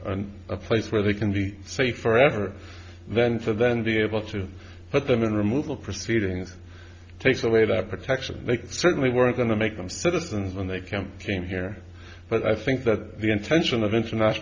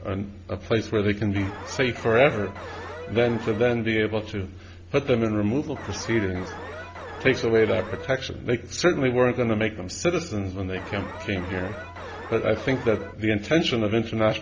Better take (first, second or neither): first